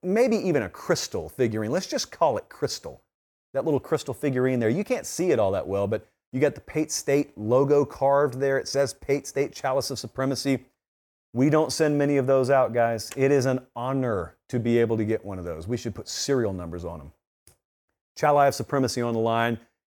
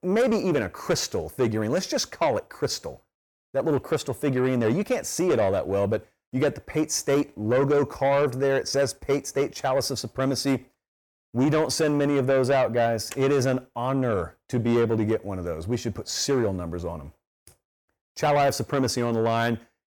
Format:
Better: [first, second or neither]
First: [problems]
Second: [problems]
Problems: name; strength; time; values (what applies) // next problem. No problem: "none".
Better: first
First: none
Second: distortion; slight; 10 dB below the speech